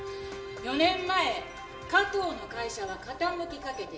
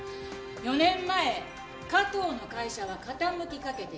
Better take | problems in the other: second | room echo; dies away in 1.2 s

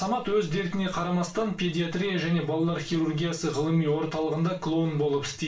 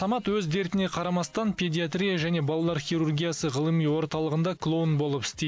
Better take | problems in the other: second | room echo; dies away in 0.3 s

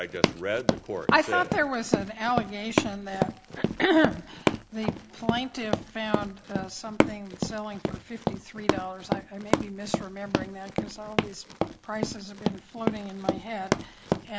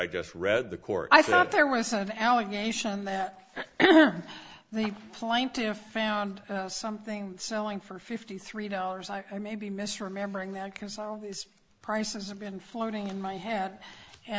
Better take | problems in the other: second | background sound (Run); 1 dB above the speech

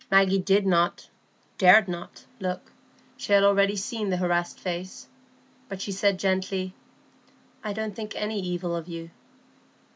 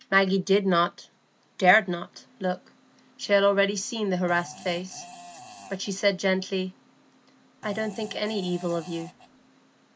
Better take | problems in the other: first | background sound (Fart); 18 dB below the speech

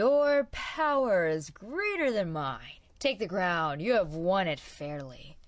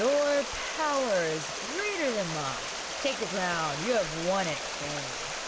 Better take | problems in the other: first | background sound (Stream); 5 dB below the speech

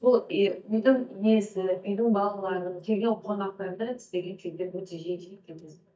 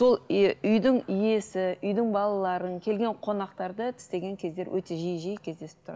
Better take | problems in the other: second | noise reduction (neural mask model DeepFilterNet 3)

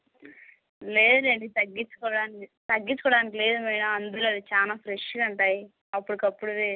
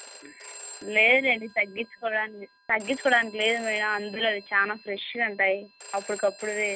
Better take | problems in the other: first | background sound (Telephone); 18 dB below the speech

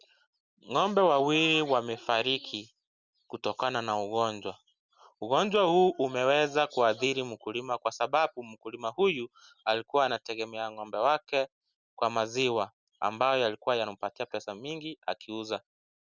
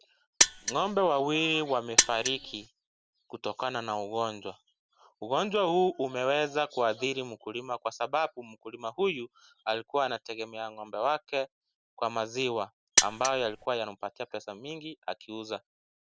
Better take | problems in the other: first | background sound (Mechanisms); 4 dB above the speech

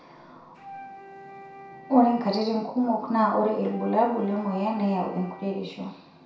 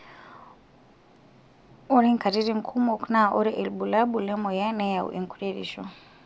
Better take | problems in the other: second | background sound (Wind instrument, woodwind instrument); 19 dB below the speech // room echo; dies away in 0.6 s

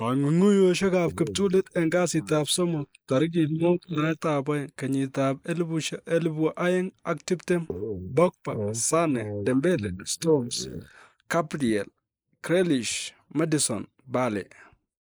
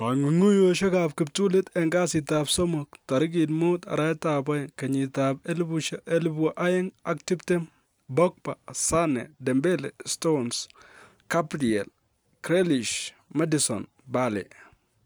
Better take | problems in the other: second | noise reduction (neural mask model Resemble Enhance denoiser)

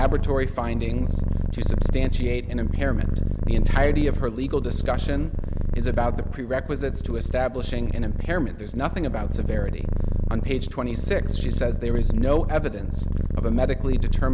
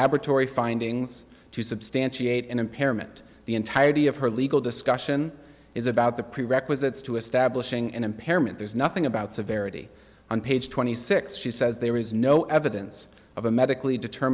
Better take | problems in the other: second | background sound (Purr); 5 dB above the speech

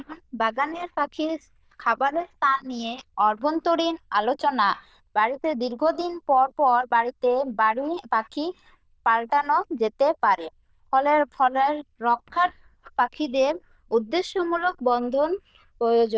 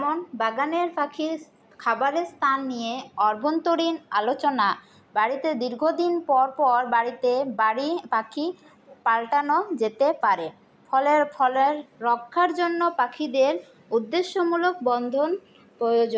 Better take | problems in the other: second | noise reduction (neural diffusion model UNIVERSE++)

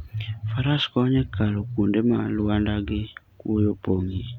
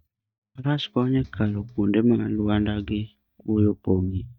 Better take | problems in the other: first | noise reduction (neural mask model DeepFilterNet 3)

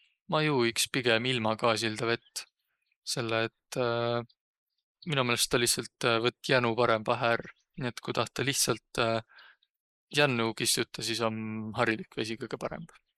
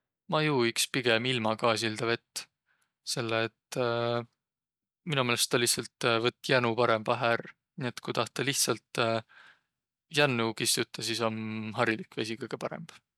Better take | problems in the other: second | noise reduction (neural mask model Resemble Enhance denoiser)

